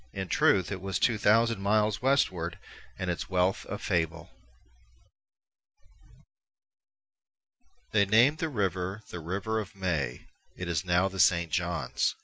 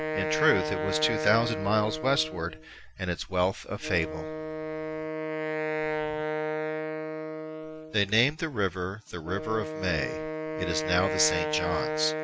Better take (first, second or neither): first